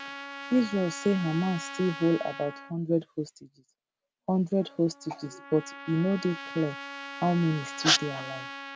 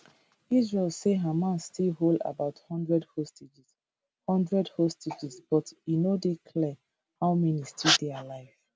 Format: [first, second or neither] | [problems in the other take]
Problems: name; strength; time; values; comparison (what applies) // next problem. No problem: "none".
second | background sound (Trumpet); 13 dB below the speech